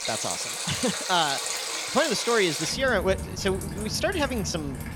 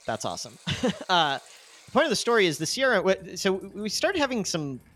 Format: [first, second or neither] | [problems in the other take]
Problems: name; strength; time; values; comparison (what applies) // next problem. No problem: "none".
second | rain or running water; loud; throughout; 4 dB below the speech; faint in the second